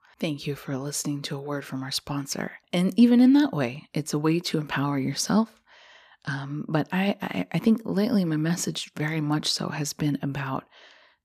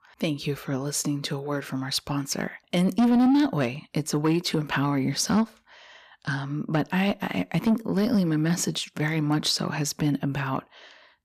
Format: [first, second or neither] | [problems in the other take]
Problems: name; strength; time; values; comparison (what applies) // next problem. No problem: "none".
first | distortion; slight; 10 dB below the speech